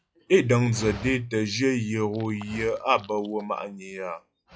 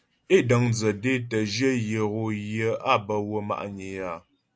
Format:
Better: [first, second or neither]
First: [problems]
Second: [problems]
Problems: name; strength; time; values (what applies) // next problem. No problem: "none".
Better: second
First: noise reduction (classical method log-MMSE)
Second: none